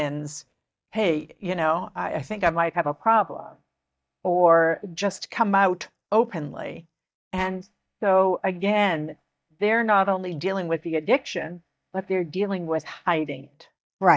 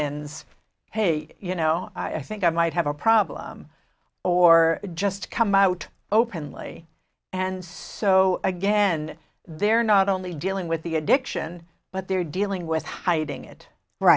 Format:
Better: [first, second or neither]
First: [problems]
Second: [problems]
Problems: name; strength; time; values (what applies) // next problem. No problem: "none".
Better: second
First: noise reduction (neural mask model DeepFilterNet 3)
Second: none